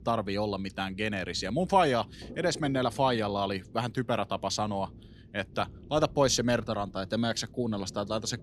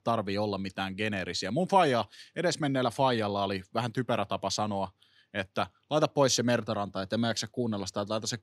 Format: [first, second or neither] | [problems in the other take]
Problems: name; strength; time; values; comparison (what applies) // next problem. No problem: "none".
second | low rumble; faint; throughout; 25 dB below the speech